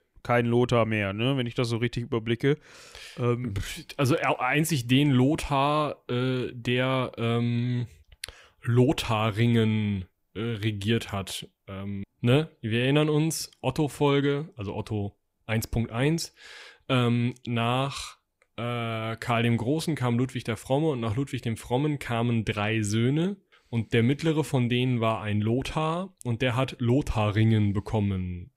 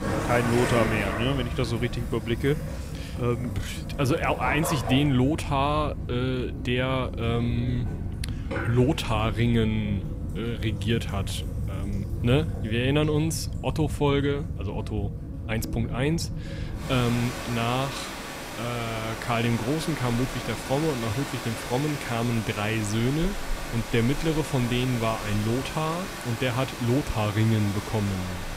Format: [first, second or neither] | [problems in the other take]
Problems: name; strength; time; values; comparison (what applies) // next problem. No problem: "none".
first | rain or running water; loud; throughout; 6 dB below the speech